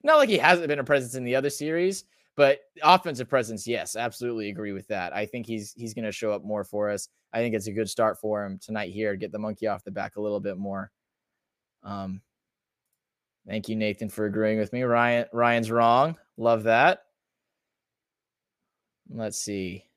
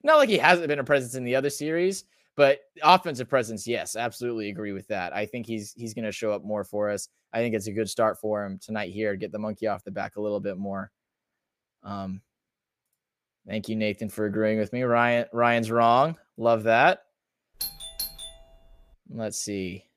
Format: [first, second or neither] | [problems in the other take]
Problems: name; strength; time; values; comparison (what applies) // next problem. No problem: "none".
first | doorbell; noticeable; at 18 s; peak 7 dB below the speech